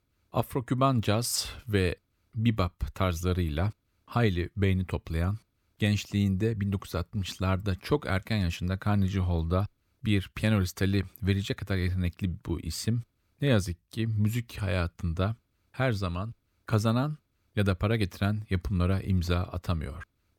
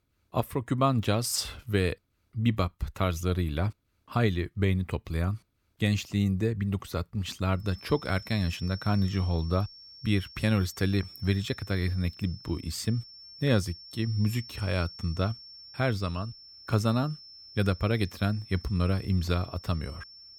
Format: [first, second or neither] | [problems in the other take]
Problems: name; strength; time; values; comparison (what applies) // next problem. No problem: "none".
first | high-pitched whine; noticeable; from 7.5 s on; 5.5 kHz, 15 dB below the speech